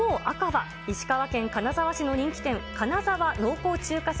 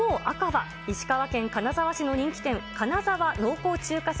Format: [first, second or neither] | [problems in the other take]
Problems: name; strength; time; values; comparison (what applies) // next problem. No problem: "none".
second | background sound (Musical instrument); 17 dB below the speech